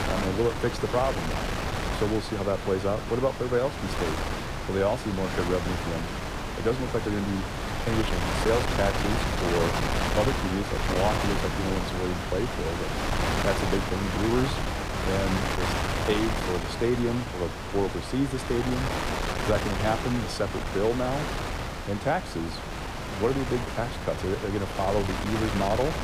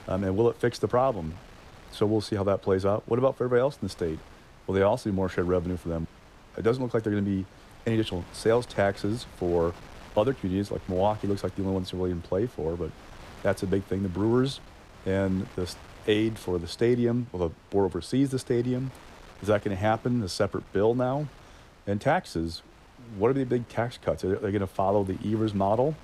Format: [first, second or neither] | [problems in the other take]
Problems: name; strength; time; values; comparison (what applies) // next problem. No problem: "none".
second | wind noise on the microphone; heavy; as loud as the speech; occasional gusts in the second